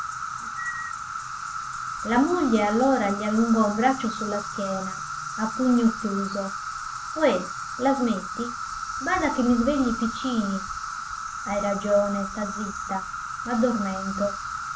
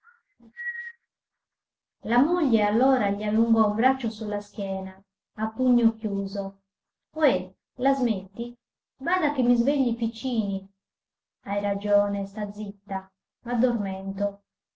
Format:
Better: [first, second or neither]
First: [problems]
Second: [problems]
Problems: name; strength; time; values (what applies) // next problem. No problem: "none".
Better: second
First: background sound (Insect); 7 dB below the speech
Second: none